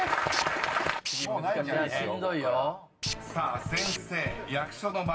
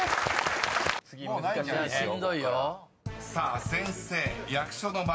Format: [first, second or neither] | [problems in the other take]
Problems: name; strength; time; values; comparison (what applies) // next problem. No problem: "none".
second | background sound (Tools); 9 dB below the speech // room echo; dies away in 0.2 s